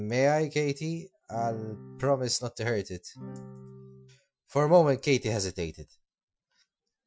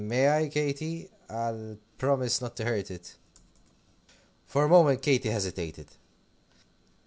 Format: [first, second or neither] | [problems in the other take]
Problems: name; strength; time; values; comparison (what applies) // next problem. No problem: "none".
second | noise reduction (classical method Wiener filter)